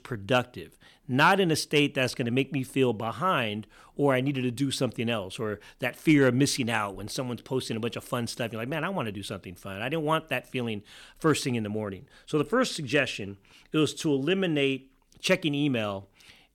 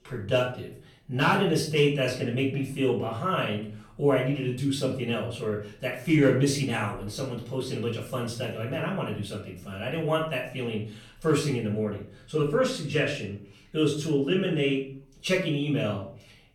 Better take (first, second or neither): first